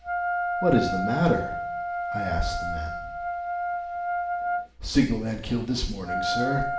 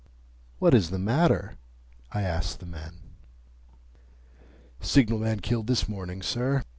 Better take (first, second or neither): second